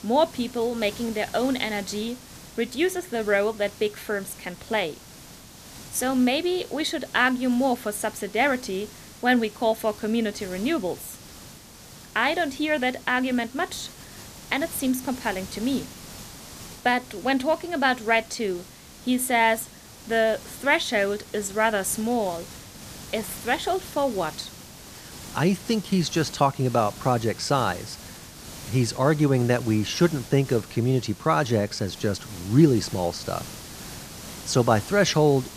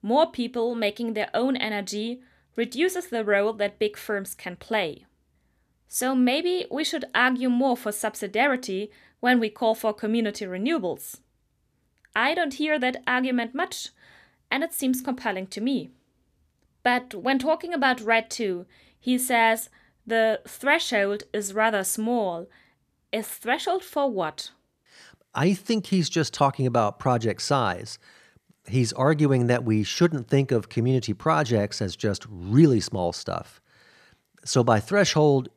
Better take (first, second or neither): second